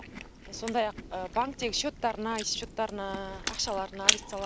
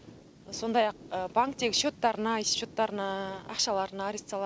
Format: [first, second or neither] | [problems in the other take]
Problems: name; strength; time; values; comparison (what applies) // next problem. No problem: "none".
second | background sound (Chewing, mastication); 3 dB below the speech